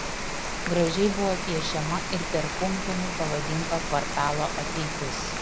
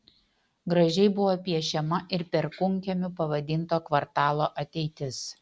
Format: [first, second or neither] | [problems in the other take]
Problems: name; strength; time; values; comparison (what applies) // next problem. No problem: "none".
second | background sound (Rain); 2 dB below the speech